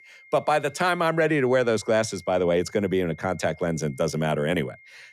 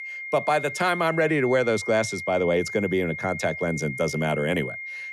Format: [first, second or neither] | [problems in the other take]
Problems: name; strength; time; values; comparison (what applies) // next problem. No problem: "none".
first | high-pitched whine; loud; throughout; 2 kHz, 8 dB below the speech; faint in the first